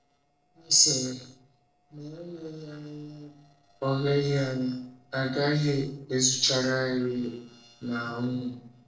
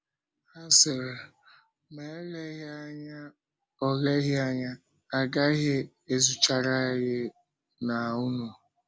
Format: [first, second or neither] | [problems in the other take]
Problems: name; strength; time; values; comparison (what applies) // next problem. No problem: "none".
second | noise reduction (neural separator model SepFormer DNS4)